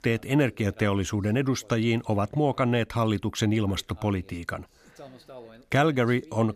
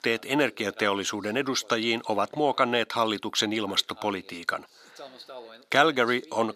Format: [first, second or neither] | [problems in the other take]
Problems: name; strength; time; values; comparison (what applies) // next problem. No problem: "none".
first | thin; somewhat; fading below 350 Hz